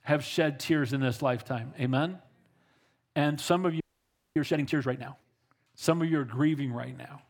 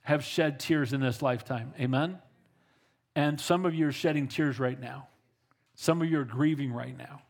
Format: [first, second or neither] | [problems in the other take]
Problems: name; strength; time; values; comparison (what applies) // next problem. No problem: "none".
second | audio freezing; at 4 s for 0.5 s